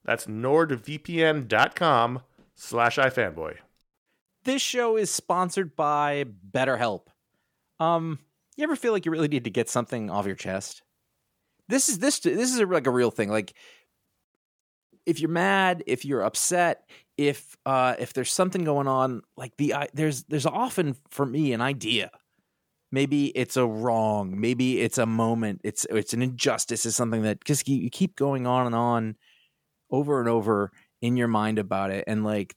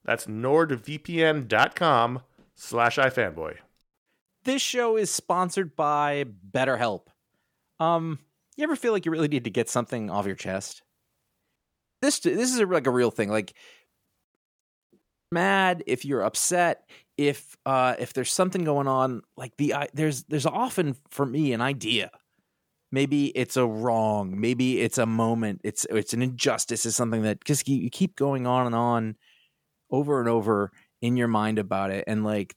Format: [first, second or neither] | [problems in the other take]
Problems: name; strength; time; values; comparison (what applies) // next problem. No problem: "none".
first | audio cutting out; at 12 s and at 15 s